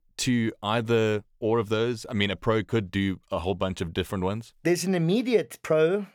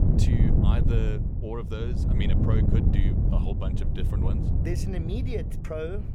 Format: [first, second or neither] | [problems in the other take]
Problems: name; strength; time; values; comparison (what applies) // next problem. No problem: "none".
first | wind noise on the microphone; heavy; as loud as the speech